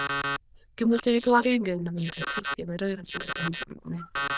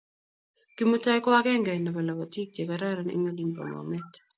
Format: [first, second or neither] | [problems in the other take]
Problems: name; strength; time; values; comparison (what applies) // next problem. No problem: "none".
second | noise reduction (neural diffusion model UNIVERSE++)